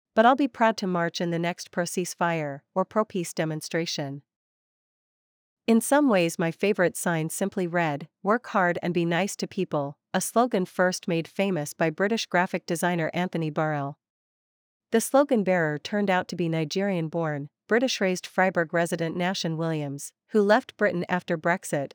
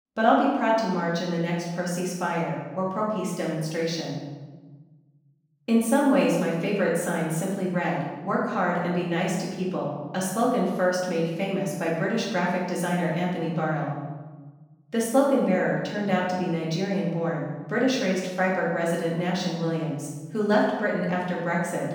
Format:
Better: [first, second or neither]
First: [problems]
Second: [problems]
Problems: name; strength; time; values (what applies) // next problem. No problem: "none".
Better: first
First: none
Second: room echo; noticeable; dies away in 1.1 s // off-mic speech; far